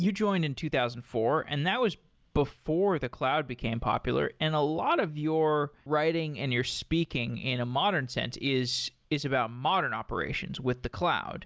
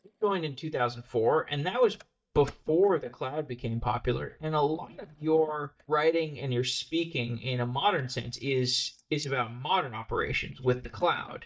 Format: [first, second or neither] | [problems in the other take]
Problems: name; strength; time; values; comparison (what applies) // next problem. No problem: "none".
first | noise reduction (neural mask model DeepFilterNet 3)